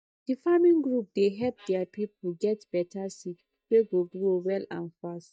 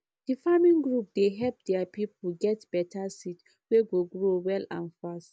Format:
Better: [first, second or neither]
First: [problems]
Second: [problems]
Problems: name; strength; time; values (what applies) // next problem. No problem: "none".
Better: second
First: noise reduction (neural mask model DeepFilterNet 3)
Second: none